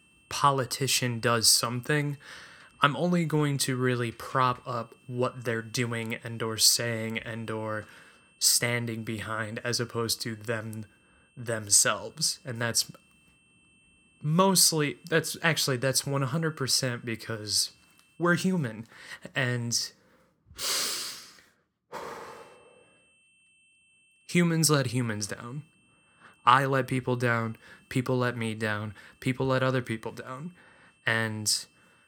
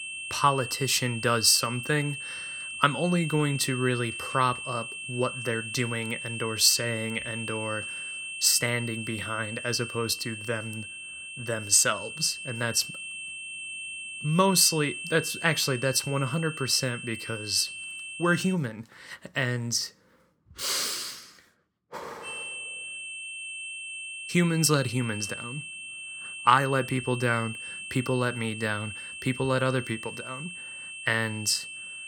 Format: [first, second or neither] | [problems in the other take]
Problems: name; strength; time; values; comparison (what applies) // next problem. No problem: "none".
first | high-pitched whine; loud; until 19 s and from 22 s on; 2.5 kHz, 9 dB below the speech; faint in the first